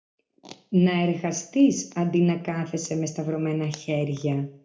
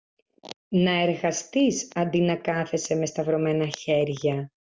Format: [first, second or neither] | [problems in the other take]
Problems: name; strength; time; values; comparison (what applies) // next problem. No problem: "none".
second | room echo; dies away in 0.3 s